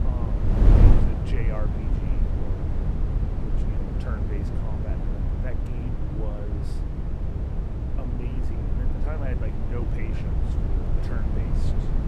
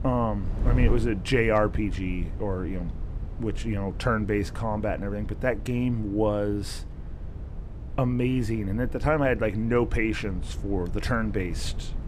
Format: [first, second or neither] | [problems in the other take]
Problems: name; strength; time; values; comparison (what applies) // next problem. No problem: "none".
second | wind noise on the microphone; heavy; 5 dB above the speech; occasional gusts in the second